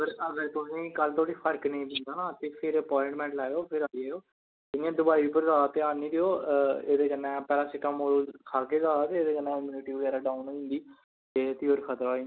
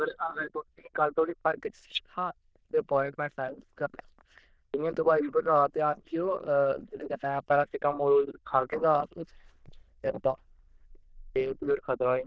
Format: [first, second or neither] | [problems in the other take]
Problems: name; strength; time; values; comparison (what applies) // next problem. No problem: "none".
first | noise reduction (neural diffusion model UNIVERSE++)